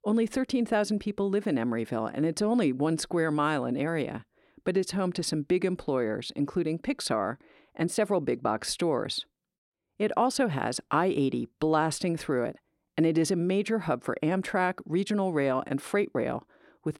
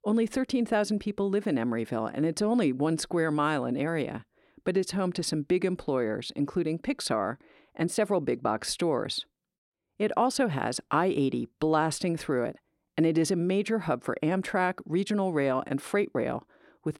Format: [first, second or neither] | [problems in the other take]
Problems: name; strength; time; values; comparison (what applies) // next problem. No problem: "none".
neither | none